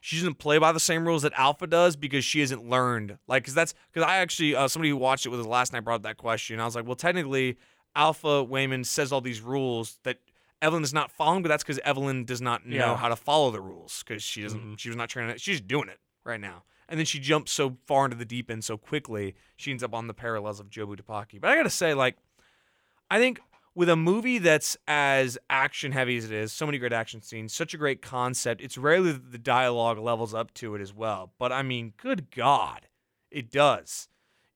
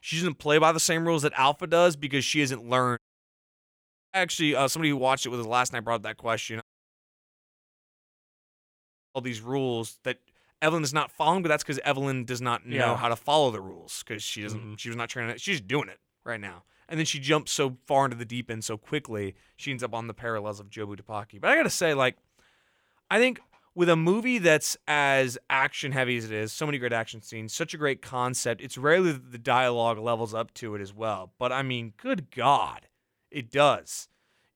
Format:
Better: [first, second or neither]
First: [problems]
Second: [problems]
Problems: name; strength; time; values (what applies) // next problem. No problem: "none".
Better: first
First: none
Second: audio cutting out; at 3 s for 1 s and at 6.5 s for 2.5 s